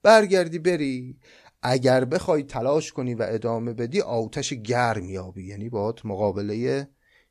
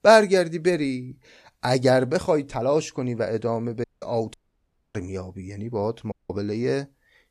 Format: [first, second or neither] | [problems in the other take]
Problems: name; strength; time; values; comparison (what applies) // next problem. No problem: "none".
first | audio cutting out; at 4 s, at 4.5 s for 0.5 s and at 6 s